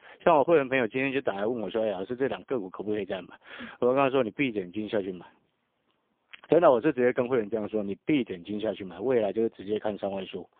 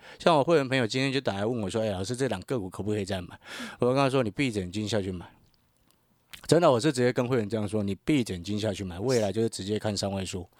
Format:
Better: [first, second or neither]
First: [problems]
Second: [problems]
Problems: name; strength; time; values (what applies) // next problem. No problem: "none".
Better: second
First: phone-call audio; poor line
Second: none